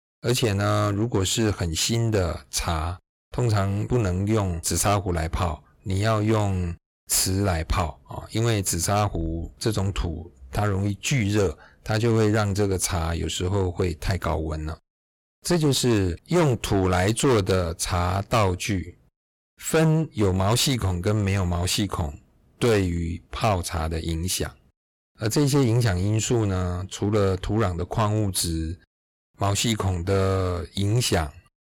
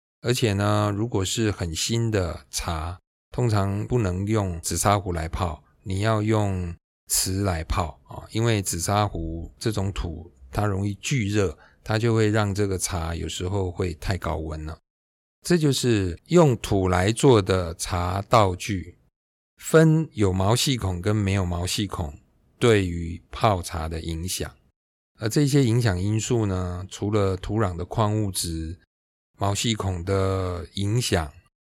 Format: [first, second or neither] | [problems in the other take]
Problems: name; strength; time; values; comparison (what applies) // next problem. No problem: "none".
second | distortion; heavy; 10% of the sound clipped